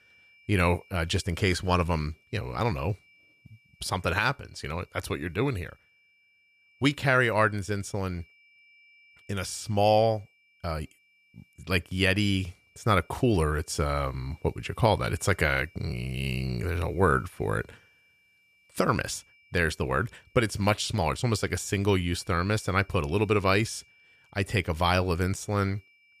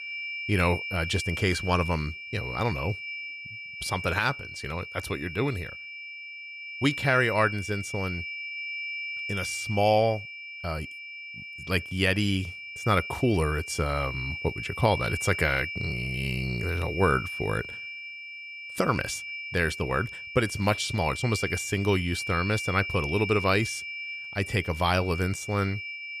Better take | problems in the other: first | high-pitched whine; loud; throughout; 2.5 kHz, 7 dB below the speech; faint in the first

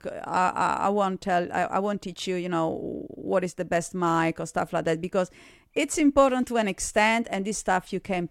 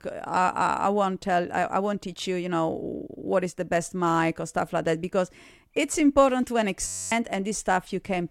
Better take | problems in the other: first | audio freezing; at 7 s

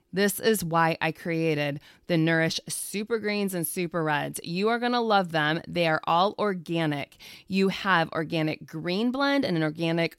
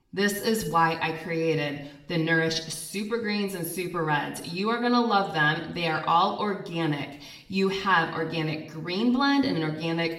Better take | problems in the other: first | room echo; slight; dies away in 0.7 s // off-mic speech; far

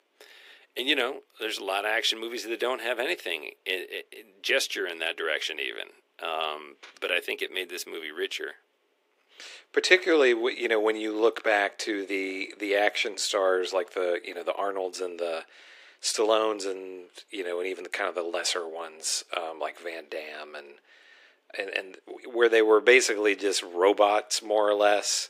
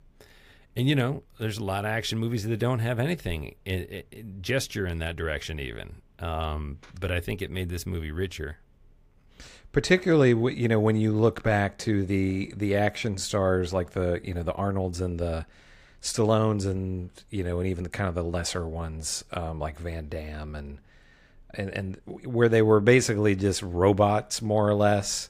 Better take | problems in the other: second | thin; very; fading below 350 Hz

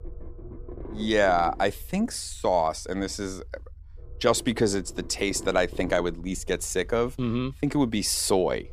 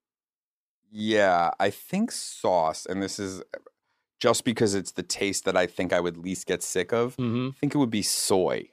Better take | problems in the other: second | low rumble; faint; throughout; 20 dB below the speech

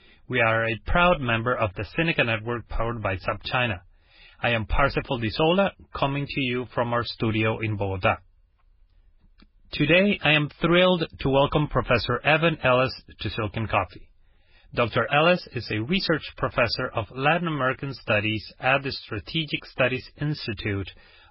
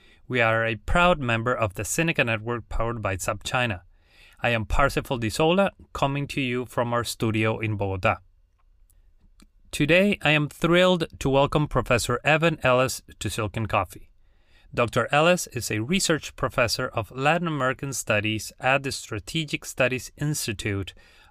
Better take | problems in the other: second | garbled, watery; badly; nothing above 5.5 kHz

